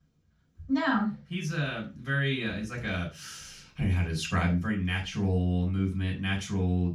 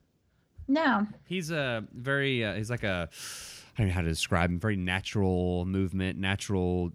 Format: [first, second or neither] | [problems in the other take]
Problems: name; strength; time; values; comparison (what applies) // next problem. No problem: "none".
second | room echo; slight; dies away in 0.3 s // off-mic speech; far